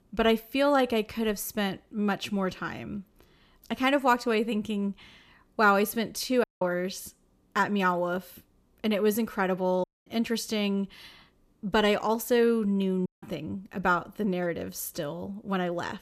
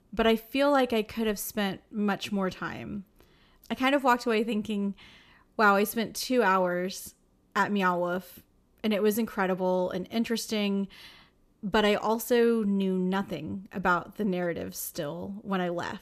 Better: second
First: audio cutting out; at 6.5 s, at 10 s and at 13 s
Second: none

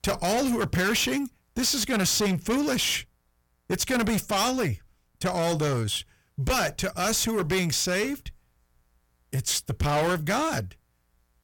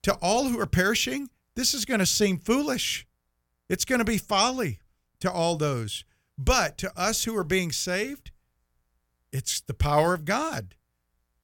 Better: second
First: distortion; heavy; 7 dB below the speech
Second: none

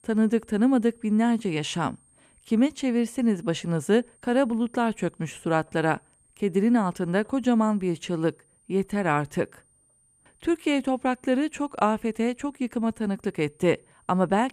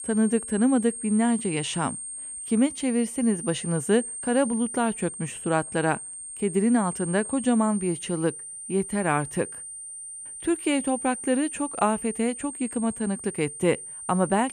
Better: first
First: high-pitched whine; faint; throughout; 9 kHz, 35 dB below the speech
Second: high-pitched whine; loud; throughout; 9 kHz, 8 dB below the speech

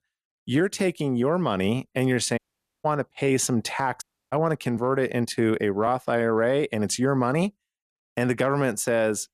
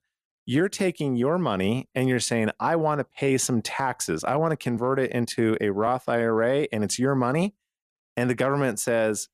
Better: second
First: audio cutting out; at 2.5 s and at 4 s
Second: none

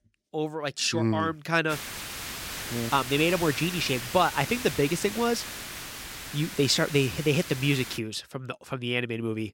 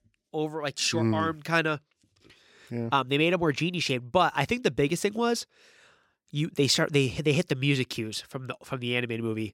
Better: second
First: hiss; loud; from 1.5 to 8 s; 8 dB below the speech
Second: none

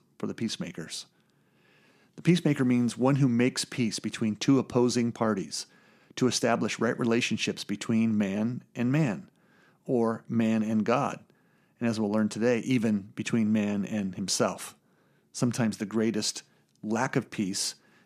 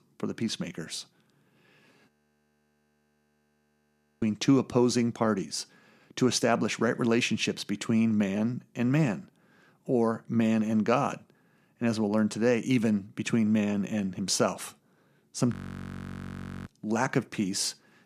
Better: first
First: none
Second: audio freezing; at 2 s for 2 s and at 16 s for 1 s

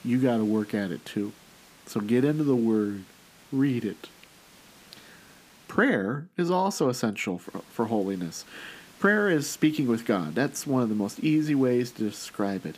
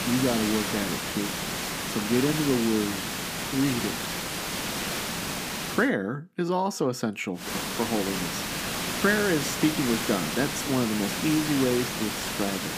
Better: first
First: hiss; faint; until 6 s and from 7.5 s on; 25 dB below the speech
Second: hiss; loud; until 6 s and from 7.5 s on; 2 dB below the speech

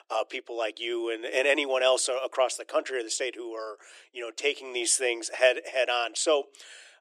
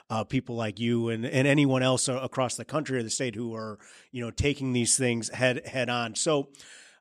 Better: second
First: thin; very; fading below 350 Hz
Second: none

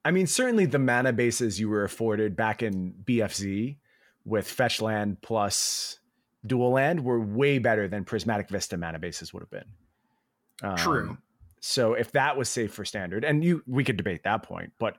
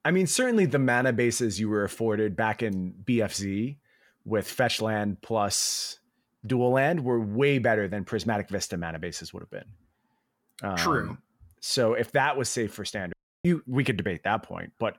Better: first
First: none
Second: audio cutting out; at 13 s

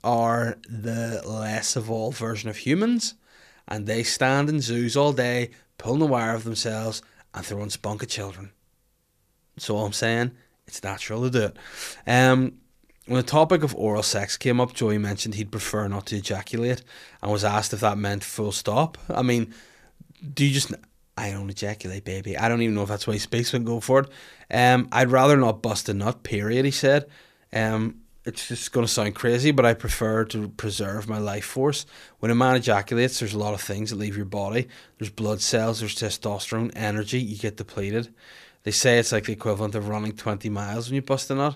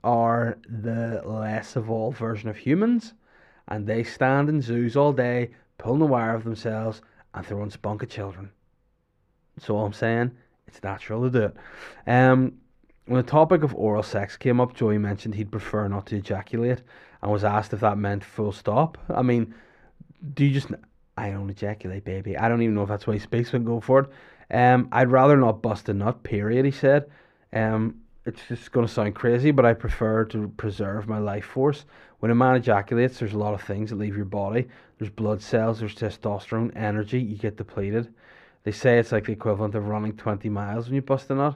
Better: first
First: none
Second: muffled; very; fading above 3.5 kHz

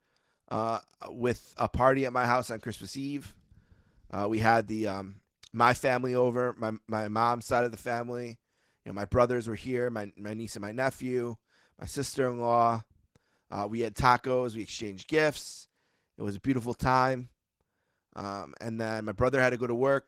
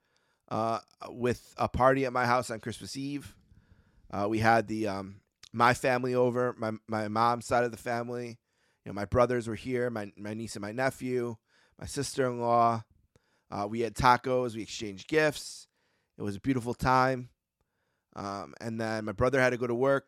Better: second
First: garbled, watery; slightly; nothing above 15.5 kHz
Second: none

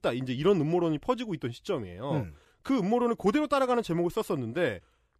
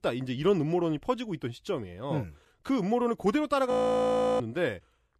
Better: first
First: none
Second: audio freezing; at 3.5 s for 0.5 s

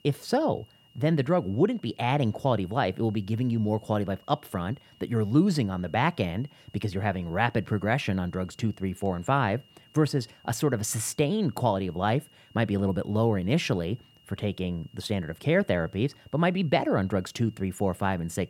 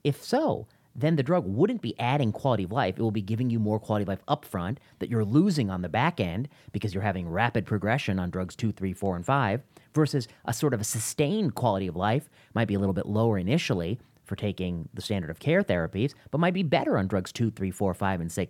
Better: second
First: high-pitched whine; faint; throughout; 3 kHz, 30 dB below the speech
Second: none

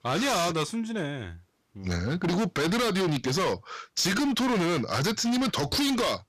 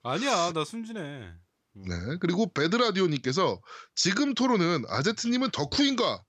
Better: second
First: distortion; heavy; 28% of the sound clipped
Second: none

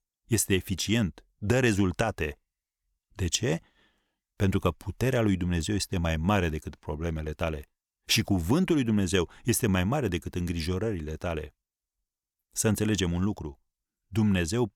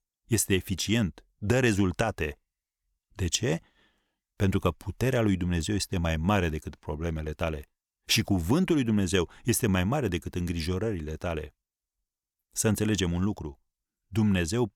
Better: neither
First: none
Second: none

